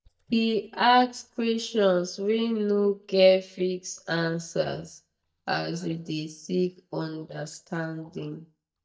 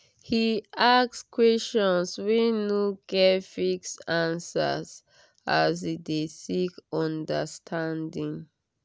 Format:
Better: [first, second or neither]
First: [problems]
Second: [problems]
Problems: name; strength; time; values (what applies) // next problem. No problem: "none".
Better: second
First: noise reduction (neural mask model DeepFilterNet 3)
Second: none